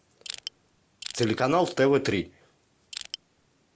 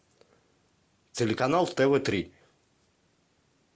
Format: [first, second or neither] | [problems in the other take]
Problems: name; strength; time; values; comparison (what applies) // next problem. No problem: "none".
second | background sound (Crushing); 12 dB below the speech